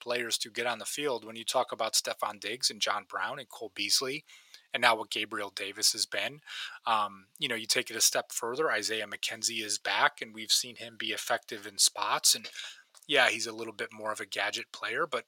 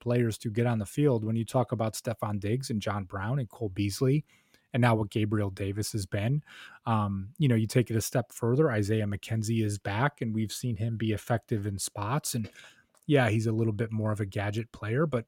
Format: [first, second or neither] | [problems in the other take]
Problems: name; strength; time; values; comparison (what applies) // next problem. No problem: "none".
second | thin; very; fading below 800 Hz